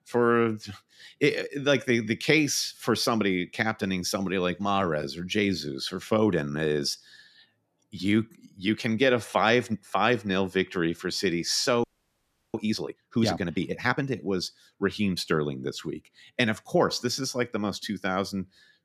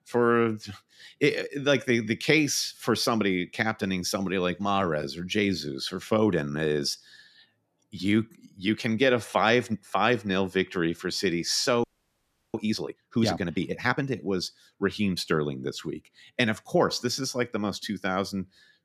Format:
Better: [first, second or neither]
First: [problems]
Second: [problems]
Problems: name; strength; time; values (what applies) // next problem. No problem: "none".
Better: neither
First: audio freezing; at 12 s for 0.5 s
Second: audio freezing; at 12 s for 0.5 s